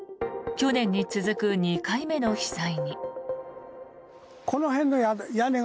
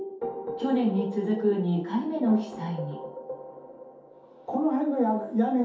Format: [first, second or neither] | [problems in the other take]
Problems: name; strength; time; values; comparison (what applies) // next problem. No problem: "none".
first | room echo; dies away in 0.5 s